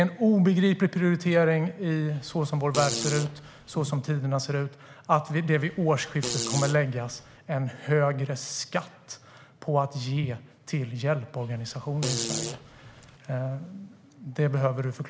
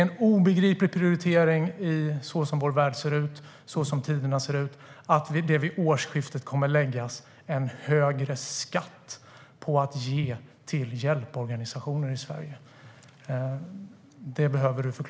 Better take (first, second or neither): second